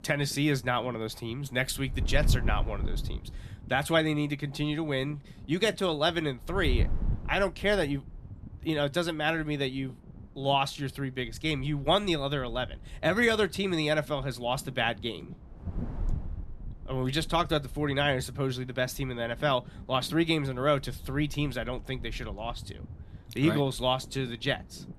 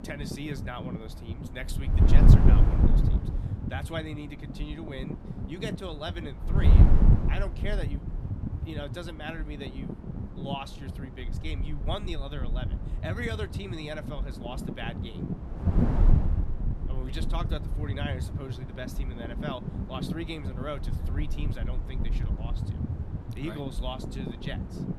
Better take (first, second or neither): first